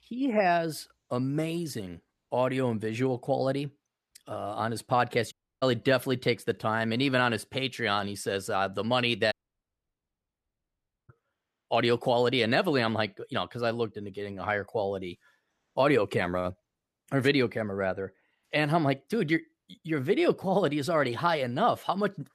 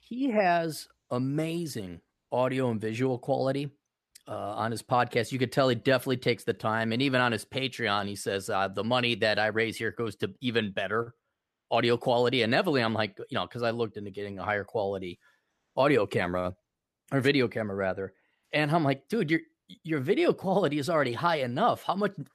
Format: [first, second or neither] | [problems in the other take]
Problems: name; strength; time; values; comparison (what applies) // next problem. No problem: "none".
second | audio cutting out; at 5.5 s and at 9.5 s for 2 s